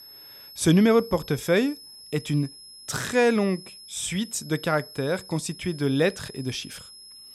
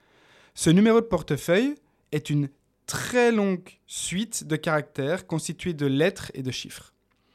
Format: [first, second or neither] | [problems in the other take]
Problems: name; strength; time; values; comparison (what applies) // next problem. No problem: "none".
second | high-pitched whine; noticeable; throughout; 5 kHz, 20 dB below the speech